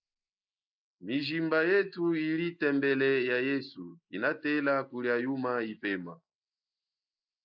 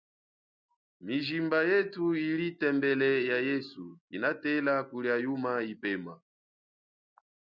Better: second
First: noise reduction (neural mask model Resemble Enhance denoiser)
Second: none

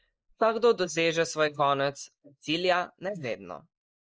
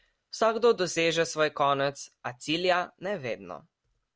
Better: second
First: noise reduction (neural mask model Resemble Enhance denoiser)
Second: none

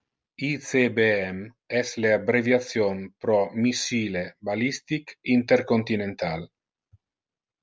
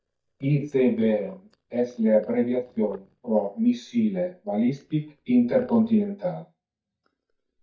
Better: first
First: none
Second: noise reduction (neural mask model DeepFilterNet 3)

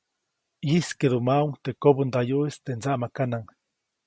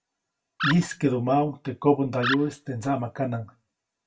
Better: first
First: none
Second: background sound (Animal); 7 dB below the speech // room echo; dies away in 0.2 s

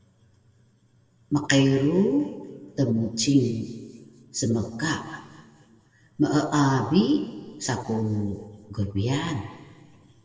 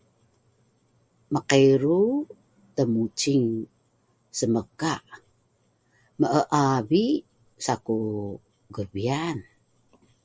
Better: second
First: room echo; dies away in 1.6 s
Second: none

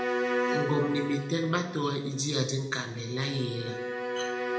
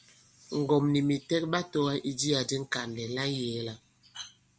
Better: second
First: background sound (Bowed string instrument); 2 dB below the speech // room echo; dies away in 0.8 s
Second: none

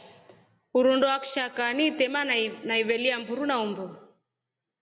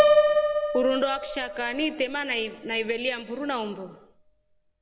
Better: first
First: none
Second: background sound (Piano); 2 dB above the speech

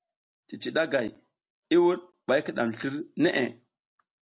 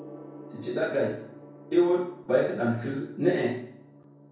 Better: first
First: none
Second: background sound (Gong); 19 dB below the speech // room echo; dies away in 0.6 s

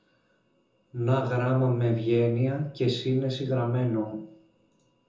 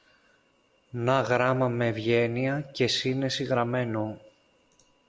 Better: second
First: room echo; dies away in 0.5 s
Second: none

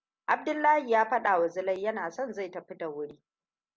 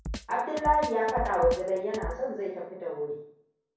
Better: first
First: none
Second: background sound (Drum kit); 11 dB below the speech // room echo; dies away in 0.6 s

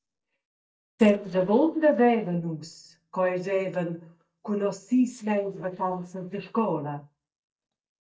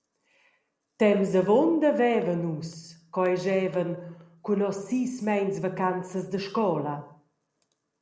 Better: second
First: noise reduction (neural mask model DeepFilterNet 3)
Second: none

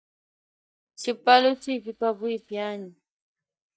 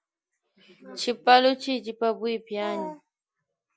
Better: second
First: noise reduction (neural mask model DeepFilterNet 3)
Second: none

